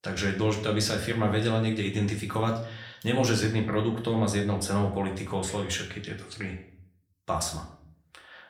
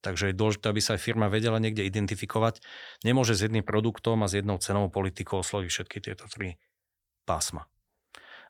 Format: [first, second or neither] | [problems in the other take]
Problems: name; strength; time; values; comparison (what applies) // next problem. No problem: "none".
second | room echo; slight; dies away in 0.5 s // off-mic speech; somewhat distant